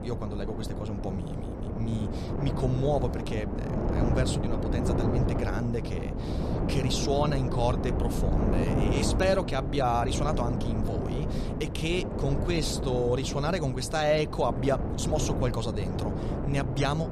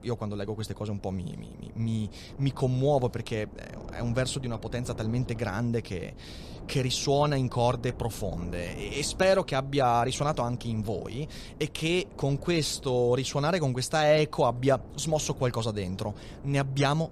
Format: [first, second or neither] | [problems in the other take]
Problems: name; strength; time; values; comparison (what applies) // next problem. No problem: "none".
second | wind noise on the microphone; heavy; 5 dB below the speech; occasional gusts in the second